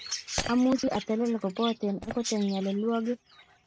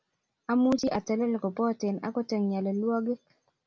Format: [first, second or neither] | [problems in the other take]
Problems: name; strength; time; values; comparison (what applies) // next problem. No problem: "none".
second | noise reduction (neural mask model RNNoise)